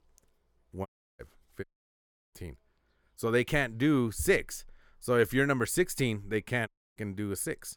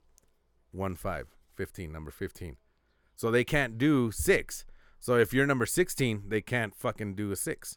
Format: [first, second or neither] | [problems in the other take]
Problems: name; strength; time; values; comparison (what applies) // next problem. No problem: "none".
second | audio cutting out; at 1 s, at 1.5 s for 0.5 s and at 6.5 s